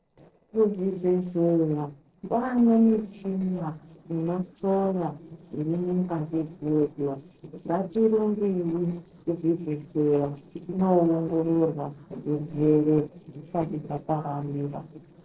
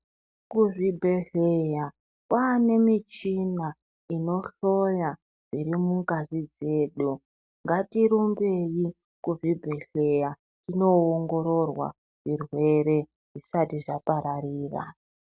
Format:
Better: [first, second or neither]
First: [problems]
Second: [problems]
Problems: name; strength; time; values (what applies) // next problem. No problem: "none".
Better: second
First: noise reduction (neural separator model SepFormer DNS4)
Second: none